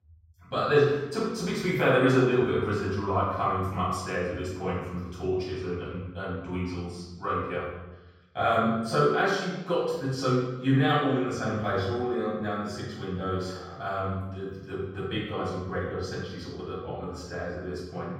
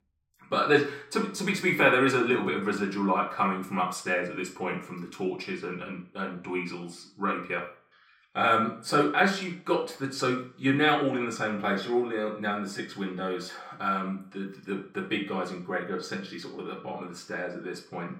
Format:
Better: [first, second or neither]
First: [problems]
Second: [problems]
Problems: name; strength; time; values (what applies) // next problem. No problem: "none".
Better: second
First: room echo; strong; dies away in 1.3 s // off-mic speech; far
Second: room echo; slight; dies away in 0.4 s // off-mic speech; far